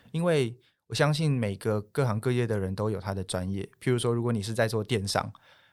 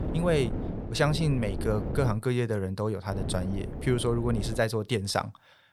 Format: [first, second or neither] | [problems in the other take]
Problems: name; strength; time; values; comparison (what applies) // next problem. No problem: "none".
first | wind noise on the microphone; occasional gusts; until 2 s and from 3 to 4.5 s; 10 dB below the speech